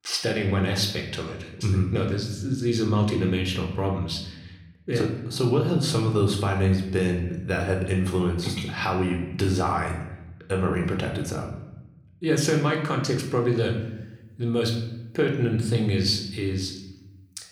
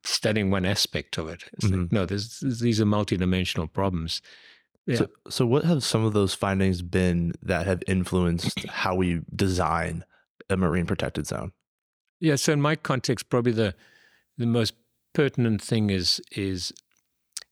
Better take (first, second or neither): second